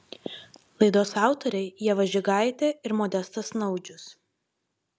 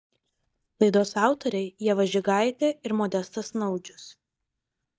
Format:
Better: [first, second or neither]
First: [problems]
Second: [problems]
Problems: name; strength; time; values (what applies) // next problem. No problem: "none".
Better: first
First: none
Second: noise reduction (neural mask model DeepFilterNet 3)